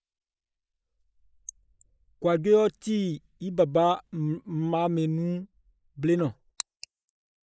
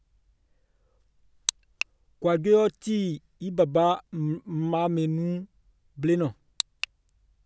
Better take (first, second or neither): second